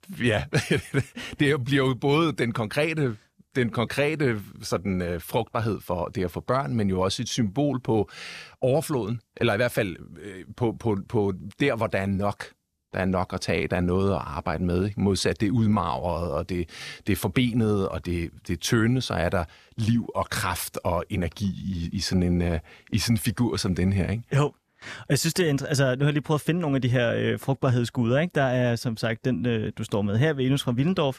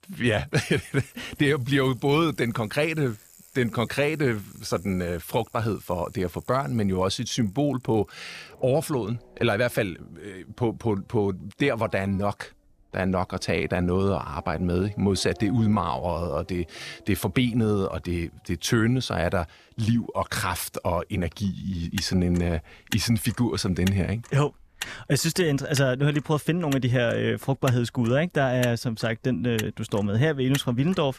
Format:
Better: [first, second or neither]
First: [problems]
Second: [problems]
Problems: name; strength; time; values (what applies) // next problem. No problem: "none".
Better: first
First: none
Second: traffic noise; noticeable; throughout; 20 dB below the speech